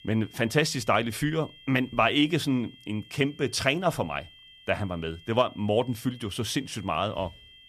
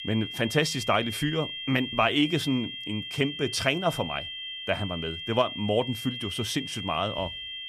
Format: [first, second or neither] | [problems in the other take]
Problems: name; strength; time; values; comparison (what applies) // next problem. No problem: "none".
first | high-pitched whine; loud; throughout; 3 kHz, 6 dB below the speech; faint in the first